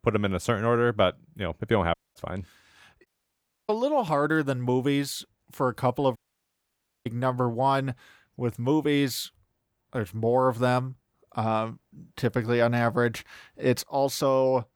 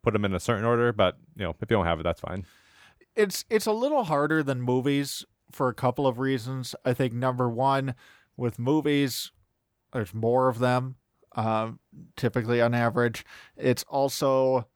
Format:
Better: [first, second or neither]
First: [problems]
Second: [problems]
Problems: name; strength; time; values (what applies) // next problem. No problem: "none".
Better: second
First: audio cutting out; at 2 s, at 3 s for 0.5 s and at 6 s for 1 s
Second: none